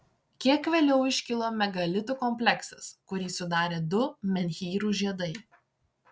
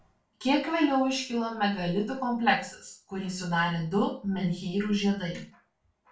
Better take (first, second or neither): first